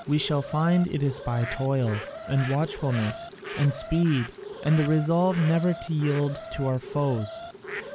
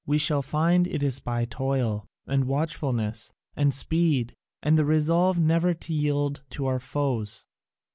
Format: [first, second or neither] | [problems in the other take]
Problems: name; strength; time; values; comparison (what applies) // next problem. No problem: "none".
second | background sound (Alarm + Bird); 12 dB below the speech